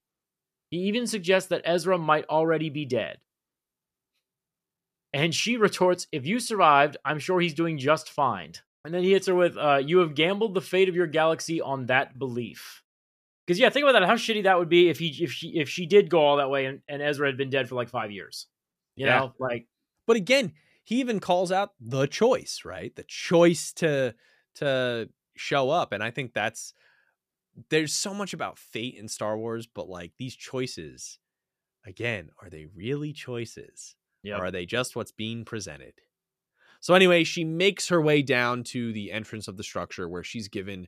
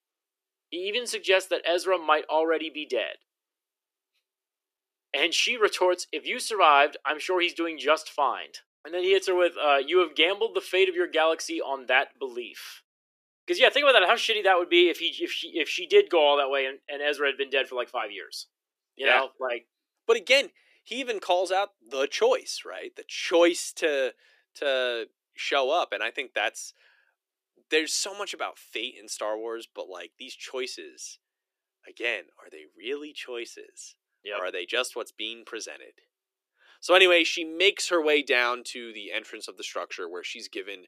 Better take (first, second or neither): first